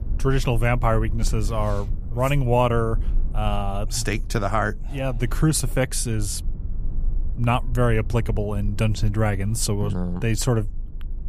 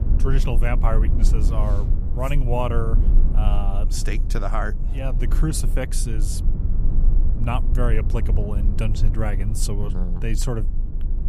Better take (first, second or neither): first